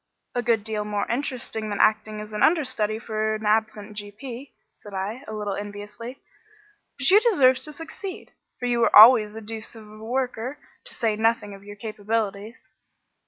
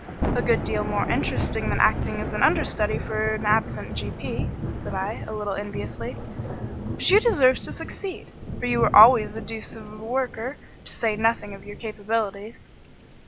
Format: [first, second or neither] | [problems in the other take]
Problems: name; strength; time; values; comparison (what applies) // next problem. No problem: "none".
first | background sound (Thunder / Rain); 5 dB below the speech